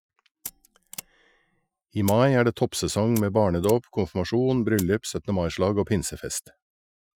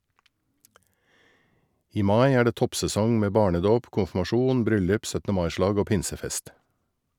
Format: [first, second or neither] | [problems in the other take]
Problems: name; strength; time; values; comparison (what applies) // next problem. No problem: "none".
second | noise reduction (classical method Wiener filter)